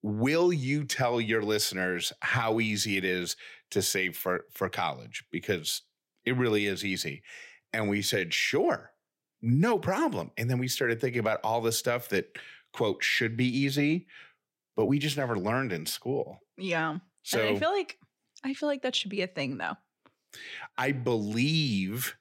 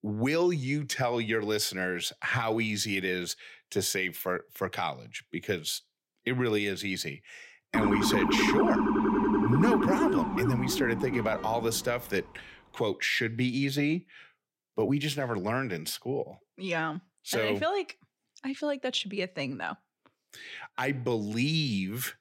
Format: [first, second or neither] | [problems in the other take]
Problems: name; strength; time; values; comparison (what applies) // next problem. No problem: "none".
first | siren; loud; from 7.5 to 12 s; peak 5 dB above the speech